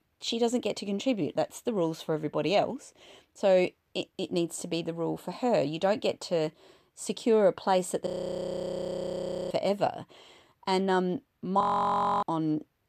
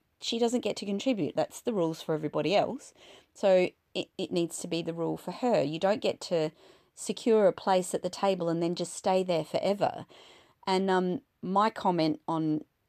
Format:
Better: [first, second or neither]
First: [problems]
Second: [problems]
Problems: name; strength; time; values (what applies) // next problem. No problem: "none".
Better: second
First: audio freezing; at 8 s for 1.5 s and at 12 s for 0.5 s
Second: none